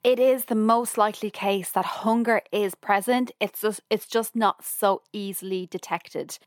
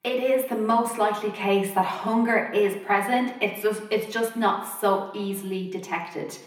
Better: first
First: none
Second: room echo; slight; dies away in 0.9 s // off-mic speech; somewhat distant

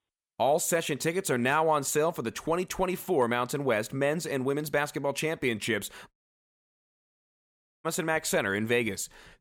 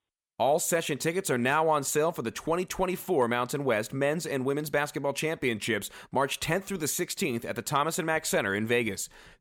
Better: second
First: audio cutting out; at 6 s for 1.5 s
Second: none

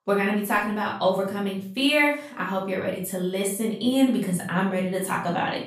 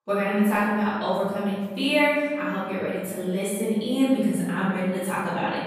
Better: first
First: room echo; slight; dies away in 0.4 s // off-mic speech; far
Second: room echo; strong; dies away in 1.5 s // off-mic speech; far

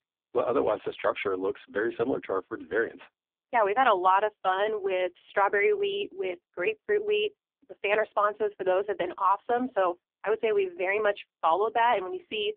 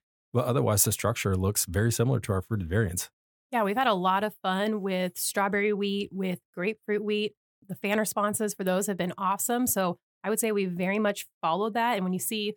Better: second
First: phone-call audio; poor line; nothing above 3 kHz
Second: none

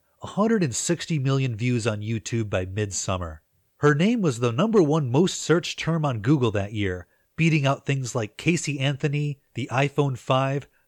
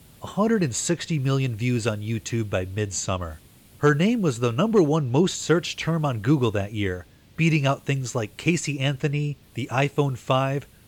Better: first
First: none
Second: hiss; faint; throughout; 30 dB below the speech

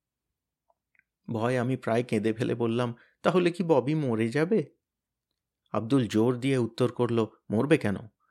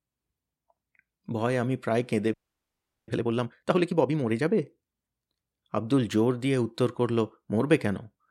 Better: first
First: none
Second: audio freezing; at 2.5 s for 0.5 s

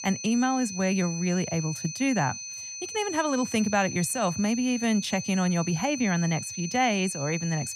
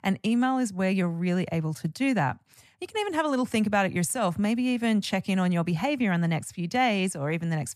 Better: second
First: high-pitched whine; loud; throughout; 6 kHz, 8 dB below the speech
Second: none

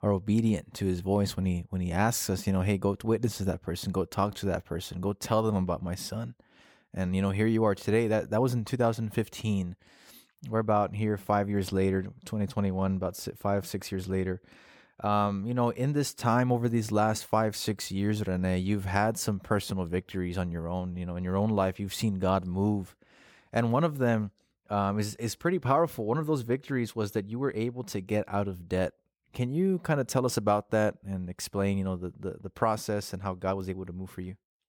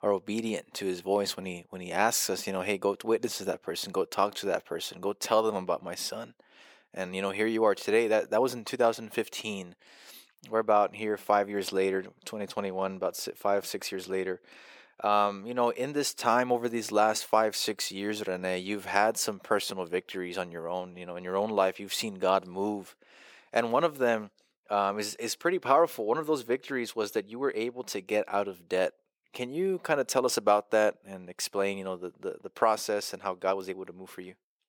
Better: first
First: none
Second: thin; somewhat; fading below 400 Hz

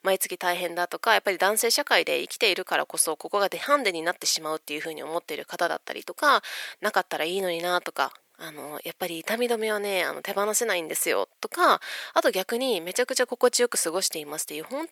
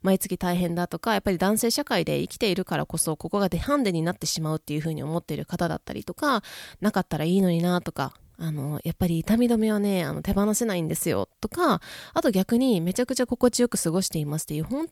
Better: second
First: thin; very; fading below 450 Hz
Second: none

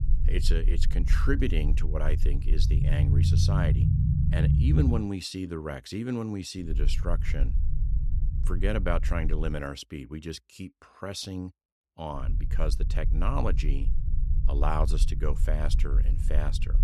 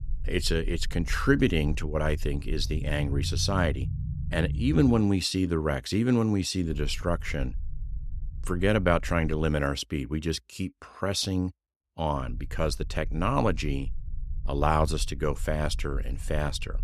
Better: second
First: low rumble; loud; until 5 s, from 6.5 to 9.5 s and from 12 s on; 7 dB below the speech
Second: low rumble; faint; until 5 s, from 6.5 to 9.5 s and from 12 s on; 25 dB below the speech

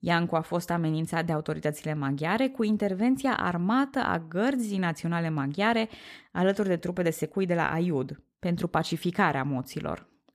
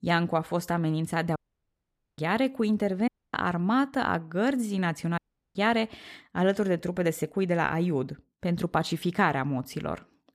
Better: first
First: none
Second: audio cutting out; at 1.5 s for 1 s, at 3 s and at 5 s

